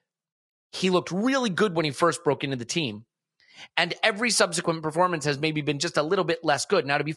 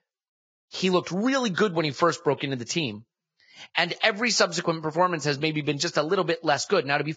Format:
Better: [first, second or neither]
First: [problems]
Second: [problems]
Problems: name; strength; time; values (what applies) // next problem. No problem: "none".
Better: first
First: garbled, watery; slightly; nothing above 10.5 kHz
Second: garbled, watery; badly; nothing above 7.5 kHz